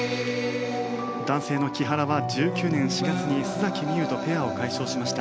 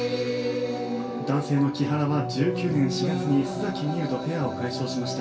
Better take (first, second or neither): first